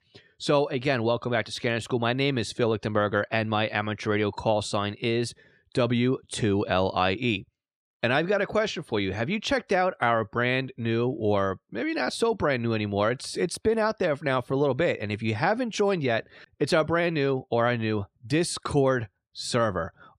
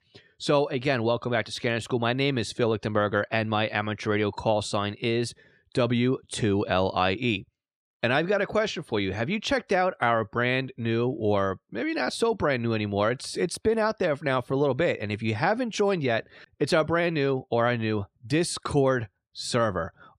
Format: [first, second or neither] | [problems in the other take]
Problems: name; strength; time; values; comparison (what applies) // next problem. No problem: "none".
neither | none